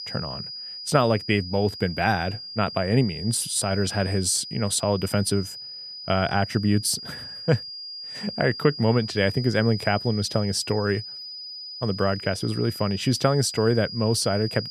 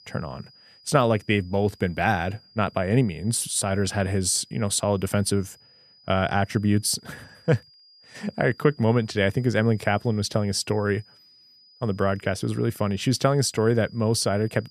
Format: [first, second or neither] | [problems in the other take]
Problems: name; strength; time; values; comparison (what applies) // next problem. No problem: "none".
second | high-pitched whine; loud; throughout; 5 kHz, 10 dB below the speech; faint in the second